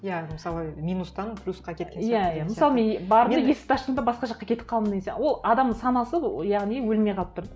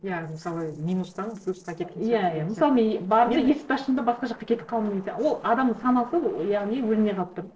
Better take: first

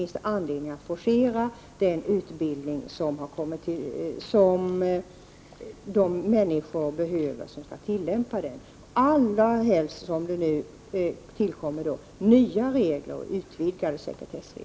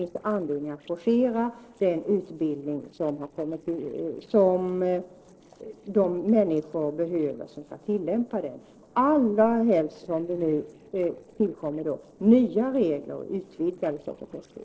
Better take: first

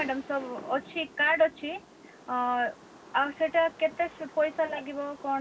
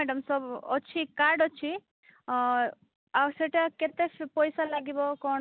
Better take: second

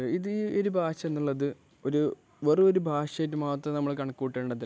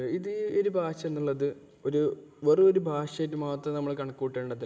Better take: first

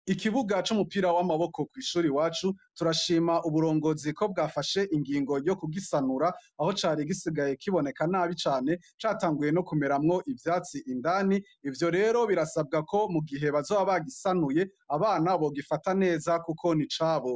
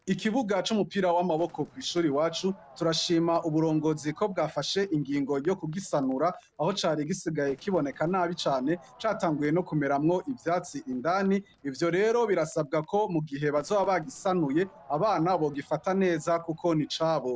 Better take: first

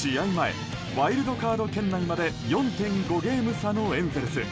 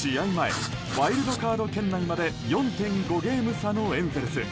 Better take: first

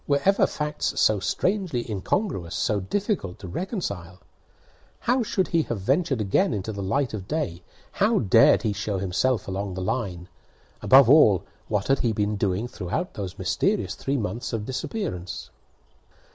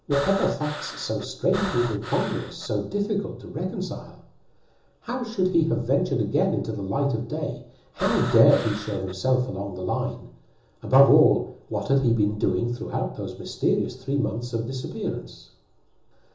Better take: first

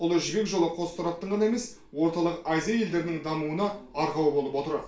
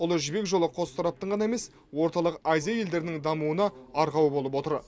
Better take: second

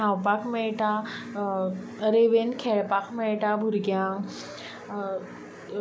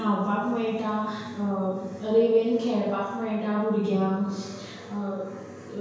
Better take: first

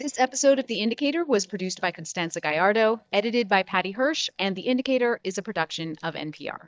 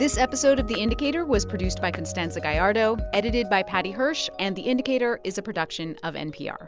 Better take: second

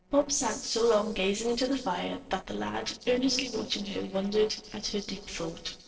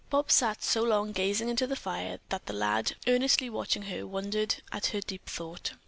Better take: second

